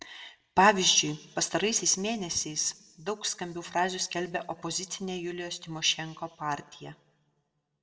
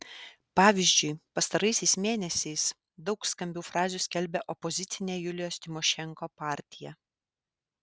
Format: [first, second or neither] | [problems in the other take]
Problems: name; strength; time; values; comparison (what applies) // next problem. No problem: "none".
second | room echo; dies away in 1 s